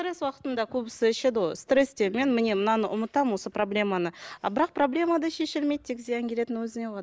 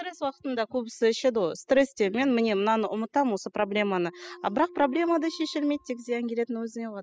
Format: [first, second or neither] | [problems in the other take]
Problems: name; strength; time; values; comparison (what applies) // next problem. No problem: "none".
first | noise reduction (classical method spectral subtraction)